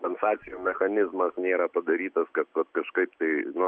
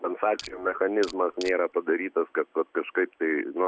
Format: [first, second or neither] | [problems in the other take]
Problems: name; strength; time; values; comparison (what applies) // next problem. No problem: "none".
first | background sound (Crushing); 16 dB below the speech